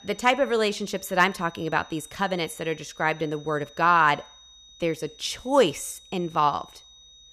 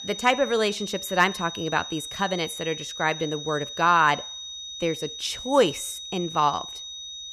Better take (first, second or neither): first